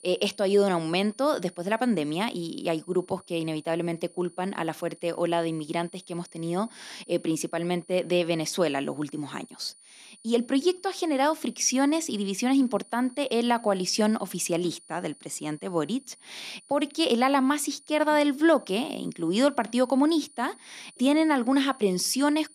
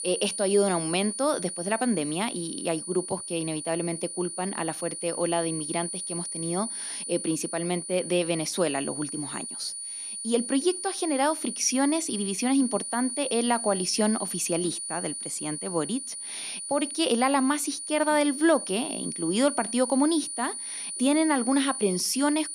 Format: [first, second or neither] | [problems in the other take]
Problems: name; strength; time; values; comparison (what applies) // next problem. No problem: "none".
first | high-pitched whine; loud; throughout; 9.5 kHz, 5 dB below the speech; faint in the first